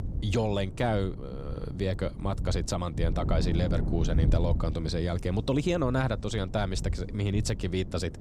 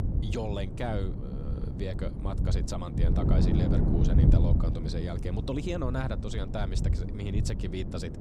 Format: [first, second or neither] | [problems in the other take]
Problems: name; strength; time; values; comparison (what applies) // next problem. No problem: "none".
first | wind noise on the microphone; heavy; 2 dB below the speech; occasional gusts in the first